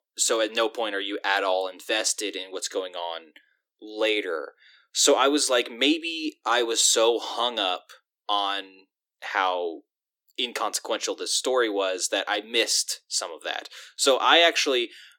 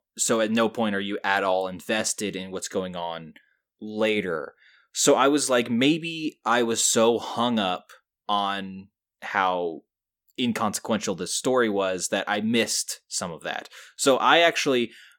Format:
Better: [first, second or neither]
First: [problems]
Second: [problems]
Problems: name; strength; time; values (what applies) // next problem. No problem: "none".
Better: second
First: thin; somewhat; fading below 300 Hz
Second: none